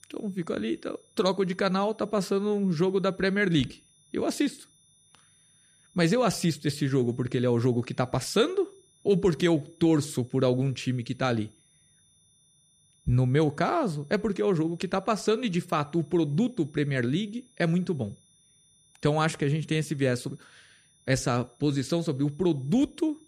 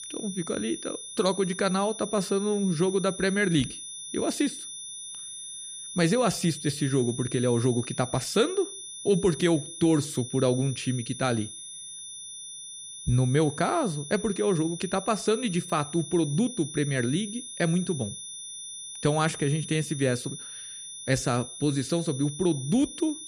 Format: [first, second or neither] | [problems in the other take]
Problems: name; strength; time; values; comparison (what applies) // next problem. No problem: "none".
first | high-pitched whine; loud; throughout; 9.5 kHz, 10 dB below the speech; faint in the first